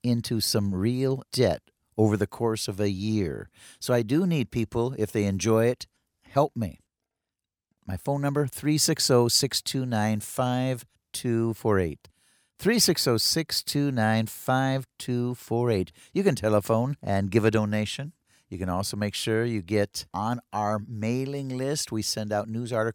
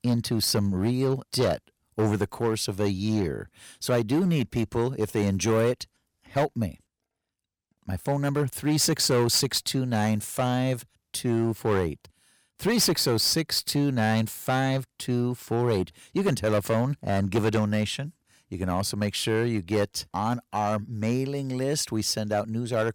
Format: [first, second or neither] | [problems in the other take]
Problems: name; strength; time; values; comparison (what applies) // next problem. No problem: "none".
first | distortion; slight; 7% of the sound clipped